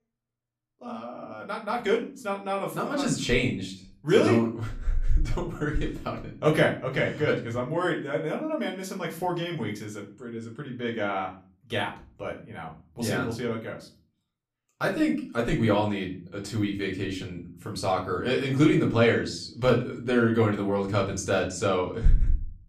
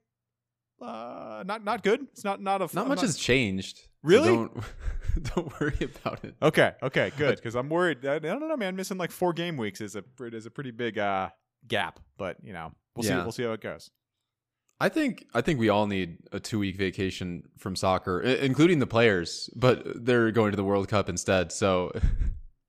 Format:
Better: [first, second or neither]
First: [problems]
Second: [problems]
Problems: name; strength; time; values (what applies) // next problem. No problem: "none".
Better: second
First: room echo; very slight; dies away in 0.4 s // off-mic speech; far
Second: none